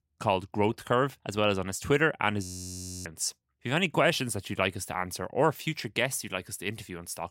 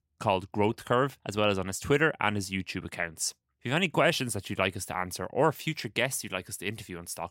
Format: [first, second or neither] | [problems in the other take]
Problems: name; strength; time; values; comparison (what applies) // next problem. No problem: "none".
second | audio freezing; at 2.5 s for 0.5 s